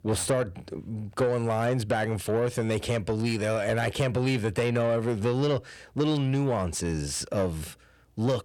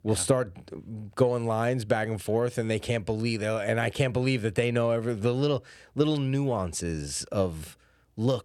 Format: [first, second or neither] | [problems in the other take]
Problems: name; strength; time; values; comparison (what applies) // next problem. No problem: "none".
second | distortion; slight; 10 dB below the speech